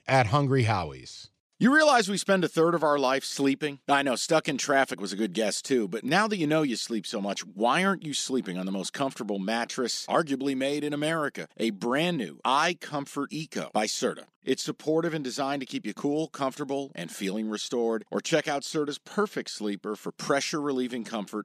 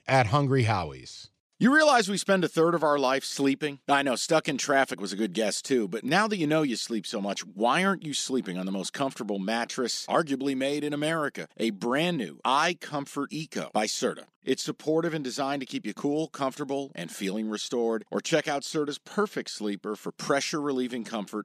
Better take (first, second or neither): neither